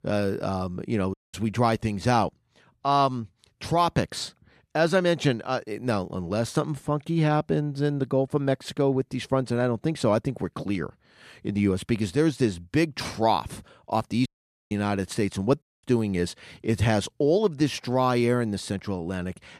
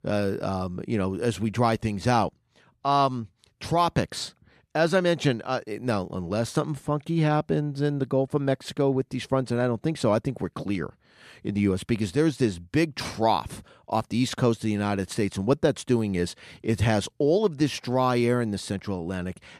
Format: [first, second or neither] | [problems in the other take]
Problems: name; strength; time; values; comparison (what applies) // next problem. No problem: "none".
second | audio cutting out; at 1 s, at 14 s and at 16 s